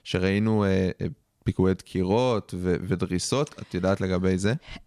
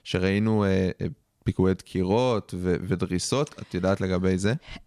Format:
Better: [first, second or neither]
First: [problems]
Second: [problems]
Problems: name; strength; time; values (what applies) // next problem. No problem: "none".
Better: neither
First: none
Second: none